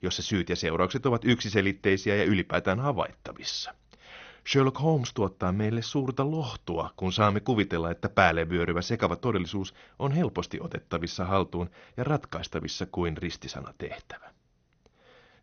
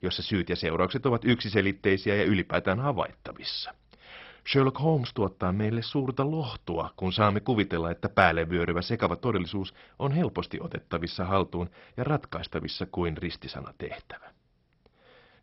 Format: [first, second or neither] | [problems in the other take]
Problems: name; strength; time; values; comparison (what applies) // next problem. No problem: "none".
first | garbled, watery; badly; nothing above 5.5 kHz; slightly in the first